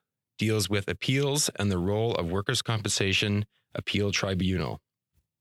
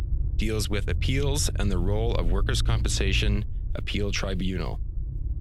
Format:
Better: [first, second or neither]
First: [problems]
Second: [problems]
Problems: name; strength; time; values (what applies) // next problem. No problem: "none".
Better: first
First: none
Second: low rumble; noticeable; throughout; 15 dB below the speech